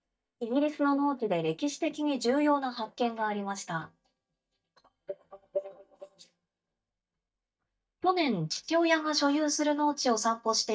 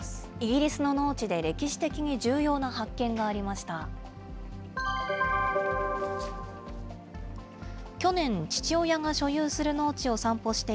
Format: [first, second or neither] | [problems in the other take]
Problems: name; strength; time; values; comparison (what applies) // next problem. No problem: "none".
second | noise reduction (neural mask model DeepFilterNet 3)